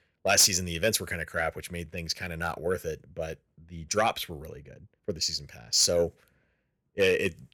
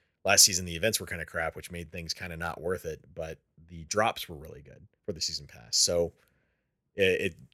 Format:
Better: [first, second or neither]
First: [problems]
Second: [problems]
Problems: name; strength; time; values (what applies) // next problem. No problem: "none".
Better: second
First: distortion; slight; 10 dB below the speech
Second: none